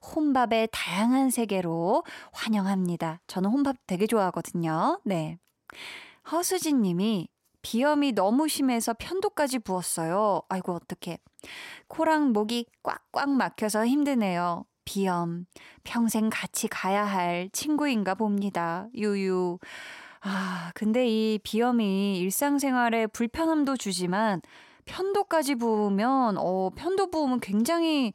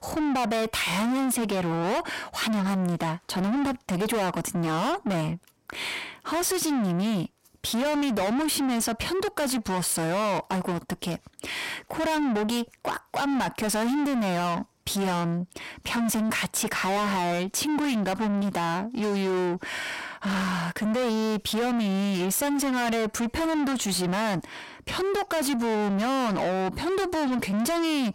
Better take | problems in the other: first | distortion; heavy; 6 dB below the speech

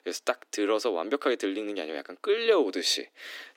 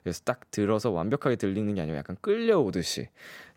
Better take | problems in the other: second | thin; somewhat; fading below 300 Hz

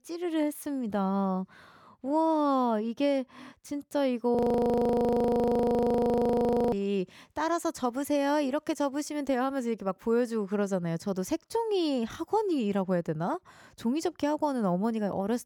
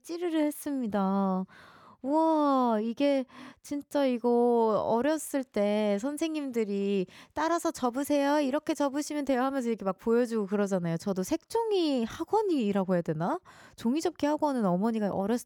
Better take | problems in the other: second | audio freezing; at 4.5 s for 2.5 s

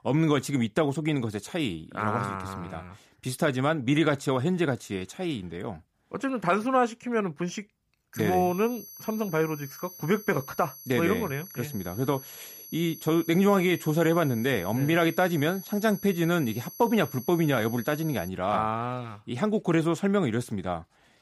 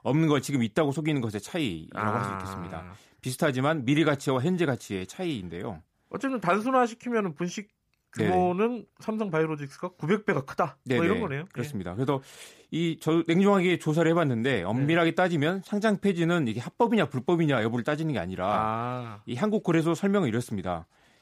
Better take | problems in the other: second | high-pitched whine; noticeable; from 8 to 18 s; 11.5 kHz, 15 dB below the speech

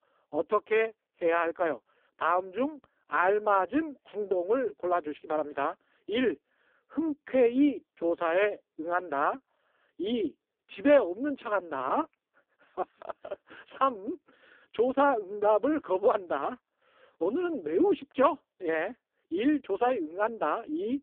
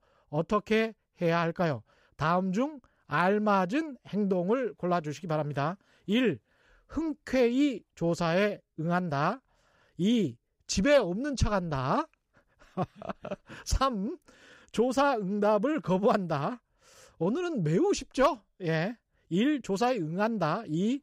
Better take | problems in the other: second | phone-call audio; poor line

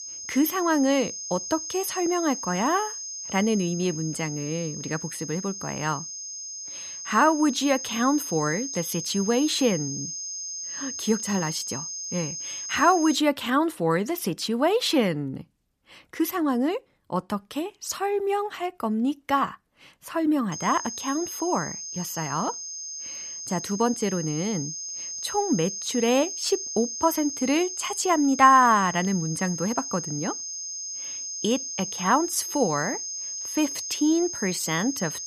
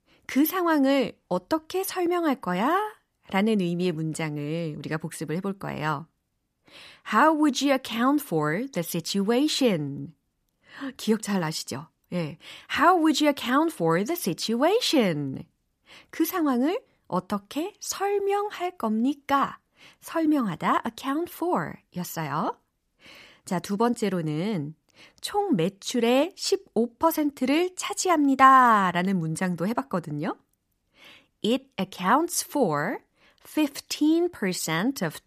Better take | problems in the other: second | high-pitched whine; loud; until 13 s and from 21 s on; 6.5 kHz, 7 dB below the speech

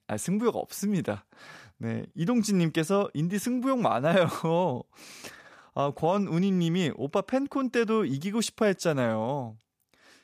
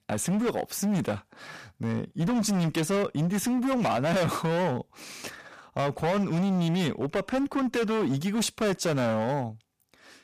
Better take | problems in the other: first | distortion; heavy; 22% of the sound clipped

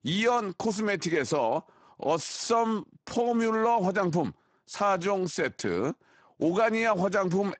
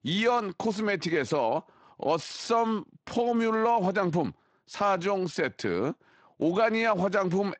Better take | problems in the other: second | garbled, watery; badly; nothing above 8 kHz; slightly in the second

